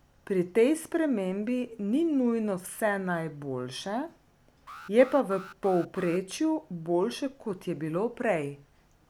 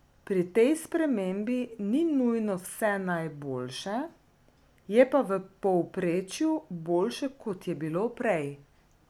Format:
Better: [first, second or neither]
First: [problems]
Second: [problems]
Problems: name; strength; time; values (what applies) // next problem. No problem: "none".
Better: second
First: background sound (Alarm); 17 dB below the speech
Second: none